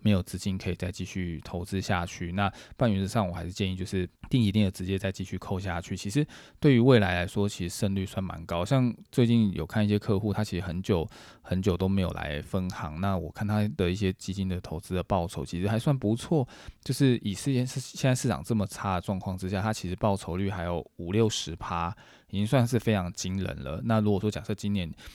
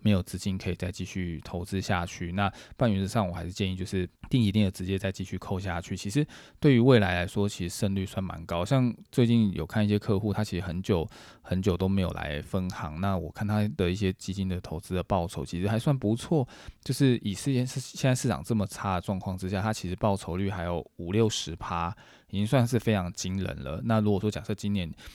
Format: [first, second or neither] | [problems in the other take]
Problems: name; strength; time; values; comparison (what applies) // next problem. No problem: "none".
neither | none